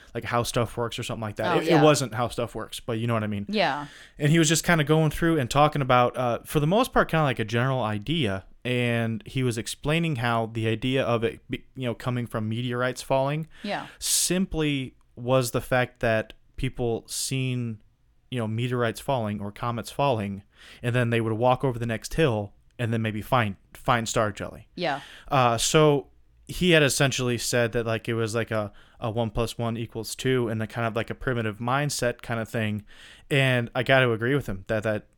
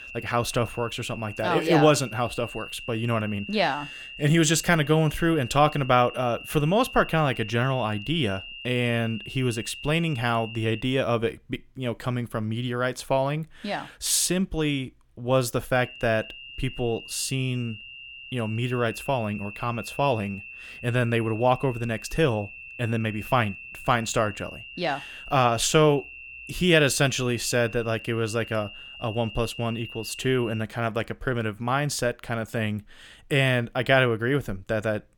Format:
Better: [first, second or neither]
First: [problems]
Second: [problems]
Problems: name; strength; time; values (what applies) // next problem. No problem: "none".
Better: first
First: none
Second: high-pitched whine; noticeable; until 11 s and from 16 to 31 s; 3 kHz, 15 dB below the speech